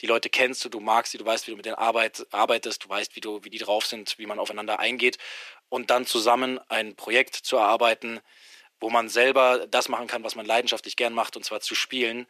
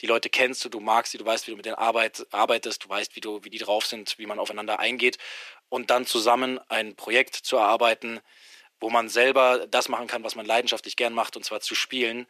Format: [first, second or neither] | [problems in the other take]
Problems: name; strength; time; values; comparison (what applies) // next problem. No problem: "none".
neither | thin; very; fading below 350 Hz; the same in both